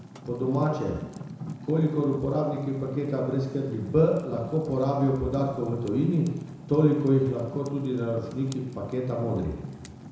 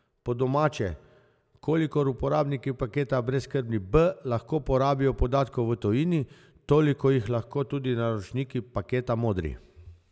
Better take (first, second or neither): second